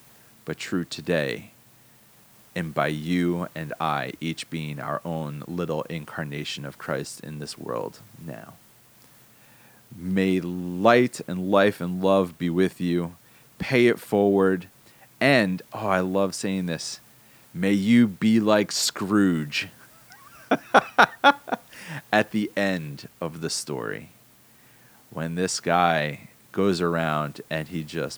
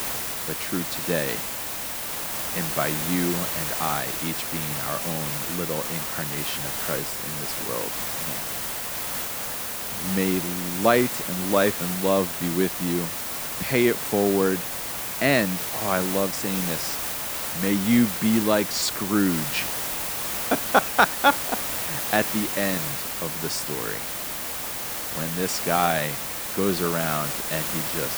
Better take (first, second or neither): first